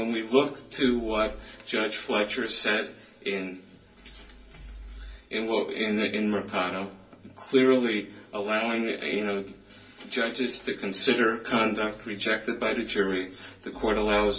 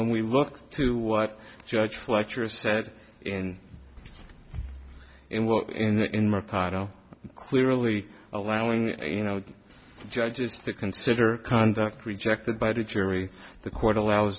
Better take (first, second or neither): second